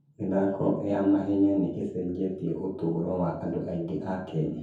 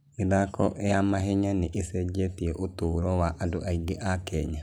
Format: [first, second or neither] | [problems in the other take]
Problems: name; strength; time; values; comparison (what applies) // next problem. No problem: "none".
second | room echo; dies away in 0.6 s